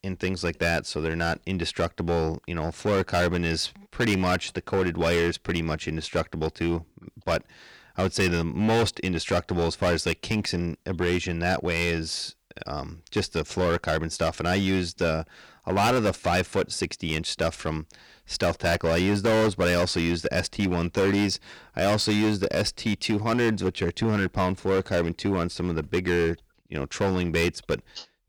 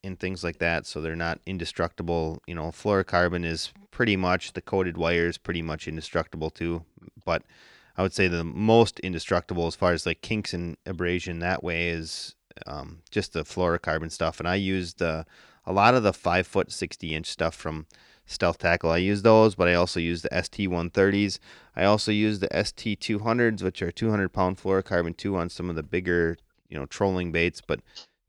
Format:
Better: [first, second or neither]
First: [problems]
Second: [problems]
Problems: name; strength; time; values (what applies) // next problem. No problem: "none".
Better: second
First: distortion; heavy; 10% of the sound clipped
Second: none